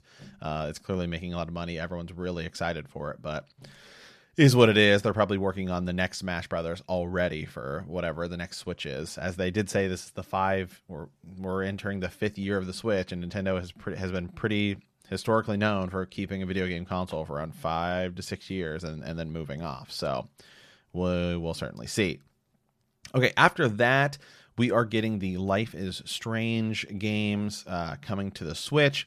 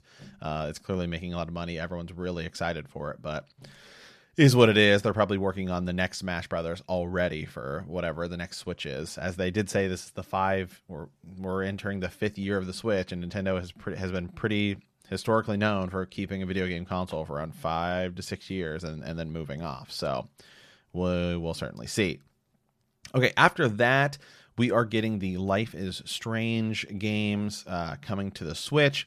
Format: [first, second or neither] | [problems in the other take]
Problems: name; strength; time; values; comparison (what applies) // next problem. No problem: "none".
neither | none